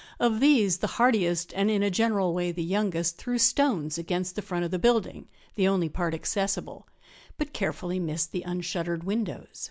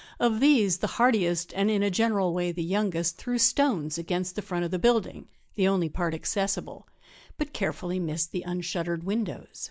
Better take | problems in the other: first | noise reduction (neural mask model Resemble Enhance denoiser)

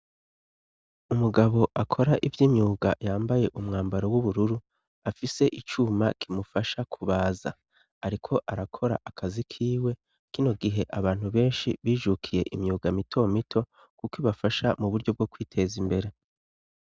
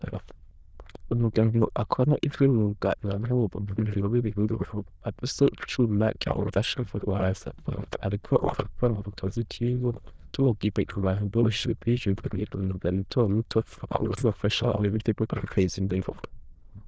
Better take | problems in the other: first | noise reduction (neural diffusion model UNIVERSE++)

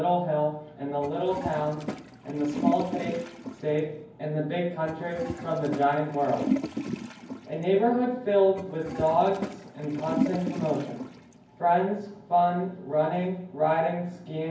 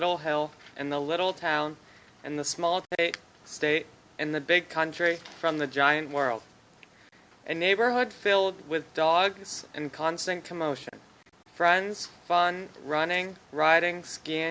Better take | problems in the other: second | background sound (Toilet flush); 7 dB below the speech // room echo; dies away in 0.9 s

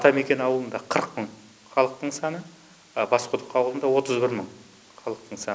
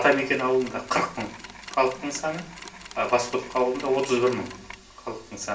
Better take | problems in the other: first | background sound (Mechanisms); 17 dB below the speech // room echo; dies away in 0.3 s

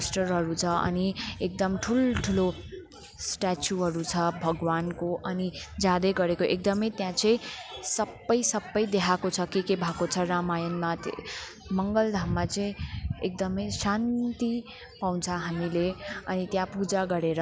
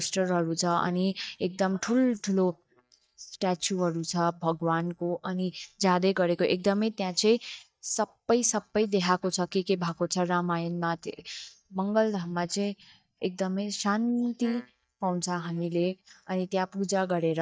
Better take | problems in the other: first | noise reduction (neural mask model DeepFilterNet 3)

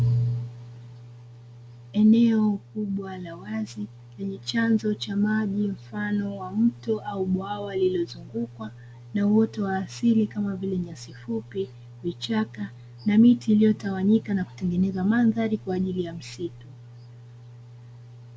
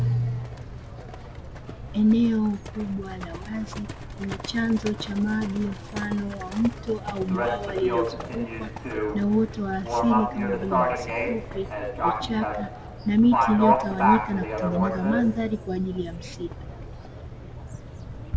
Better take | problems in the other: first | background sound (Livestock, farm animals, working animals); 3 dB below the speech

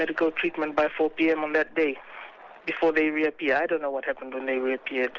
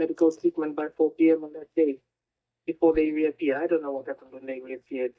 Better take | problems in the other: first | noise reduction (neural mask model DeepFilterNet 3)

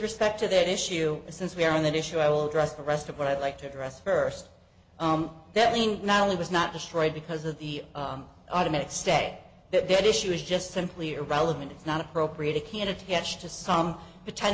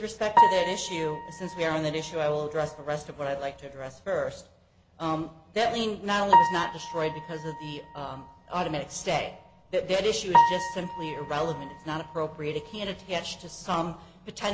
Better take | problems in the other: first | background sound (Piano); 1 dB above the speech

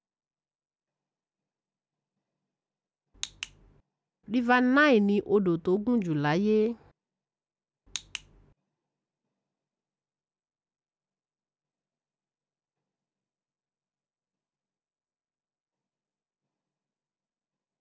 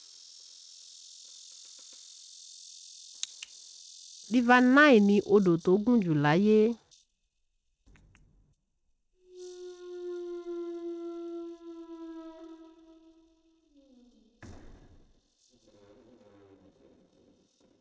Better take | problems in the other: first | noise reduction (neural mask model RNNoise)

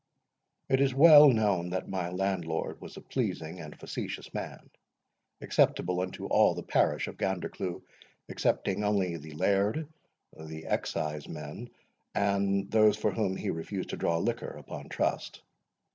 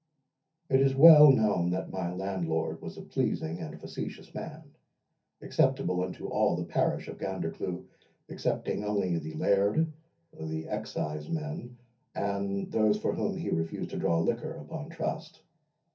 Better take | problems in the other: first | room echo; dies away in 0.3 s

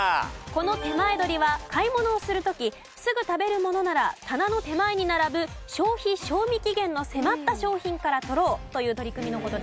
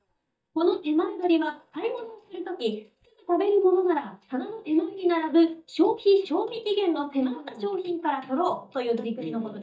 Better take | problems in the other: first | noise reduction (neural mask model DeepFilterNet 3)

